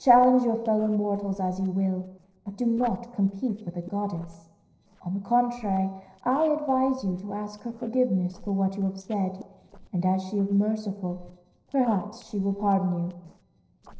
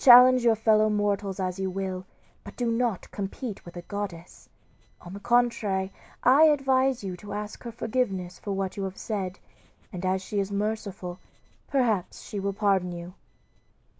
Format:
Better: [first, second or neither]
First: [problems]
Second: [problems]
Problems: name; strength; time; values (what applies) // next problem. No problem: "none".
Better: second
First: noise reduction (neural separator model SepFormer DNS4)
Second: none